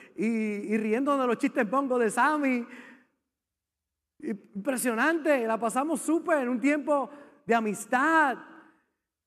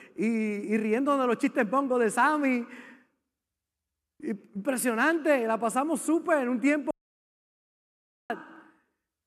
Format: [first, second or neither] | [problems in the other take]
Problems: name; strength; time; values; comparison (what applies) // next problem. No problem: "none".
first | audio cutting out; at 7 s for 1.5 s